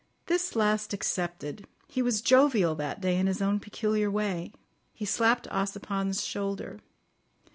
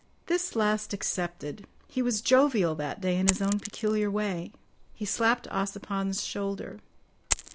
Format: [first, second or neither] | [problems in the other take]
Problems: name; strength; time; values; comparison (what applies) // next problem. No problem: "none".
first | background sound (Coin (dropping)); 11 dB below the speech